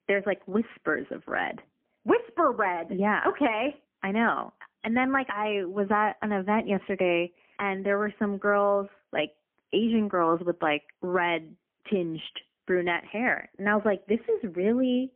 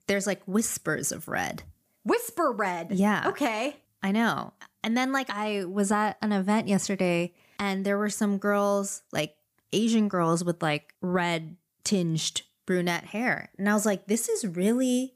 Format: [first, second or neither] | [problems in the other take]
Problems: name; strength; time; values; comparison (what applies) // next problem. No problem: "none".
second | phone-call audio; poor line; nothing above 3.5 kHz